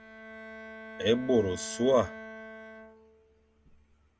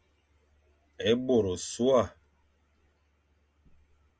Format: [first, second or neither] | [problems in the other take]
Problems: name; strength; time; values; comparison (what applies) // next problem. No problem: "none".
second | background sound (Bowed string instrument); 14 dB below the speech